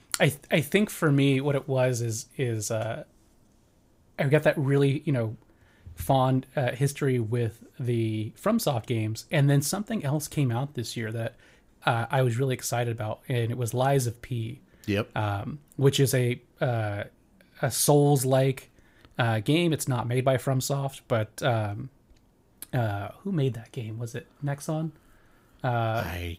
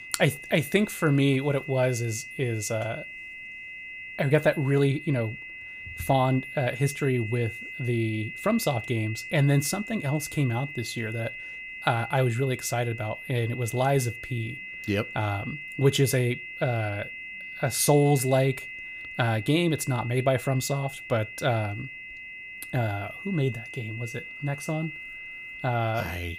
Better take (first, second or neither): first